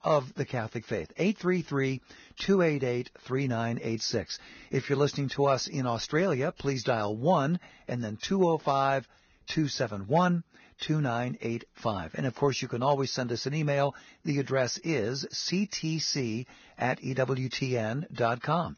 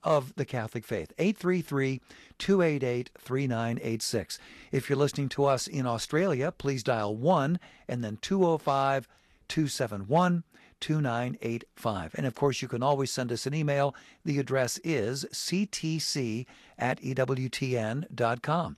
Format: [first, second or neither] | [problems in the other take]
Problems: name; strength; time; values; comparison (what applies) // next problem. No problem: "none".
second | garbled, watery; badly; nothing above 6.5 kHz; slightly in the second